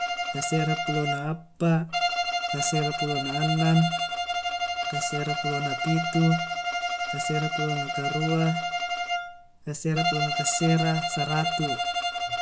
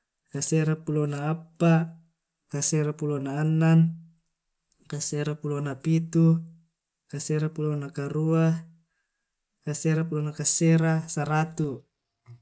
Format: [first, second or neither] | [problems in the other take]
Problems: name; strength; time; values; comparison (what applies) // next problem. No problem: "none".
second | background sound (Bowed string instrument); 1 dB below the speech